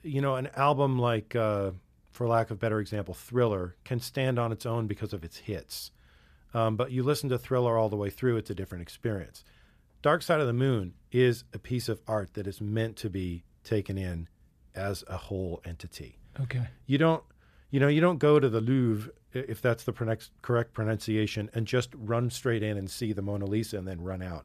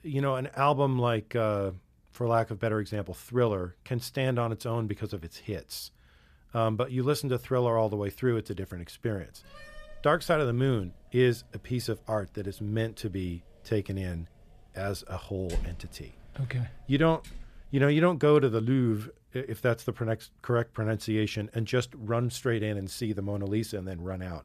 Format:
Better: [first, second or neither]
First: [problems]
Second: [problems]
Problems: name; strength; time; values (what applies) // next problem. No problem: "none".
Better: first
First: none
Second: door banging; noticeable; from 10 to 17 s; peak 9 dB below the speech